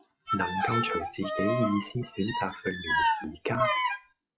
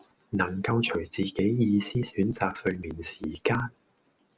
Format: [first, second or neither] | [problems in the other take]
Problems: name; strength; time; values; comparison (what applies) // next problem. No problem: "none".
second | noise reduction (classical method log-MMSE)